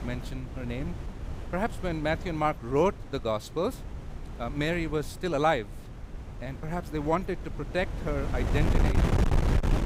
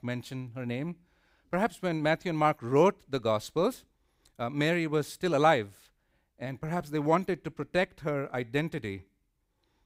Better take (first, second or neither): second